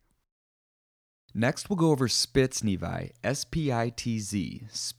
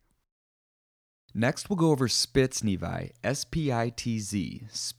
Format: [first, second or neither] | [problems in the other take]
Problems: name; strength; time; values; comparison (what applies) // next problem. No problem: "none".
neither | none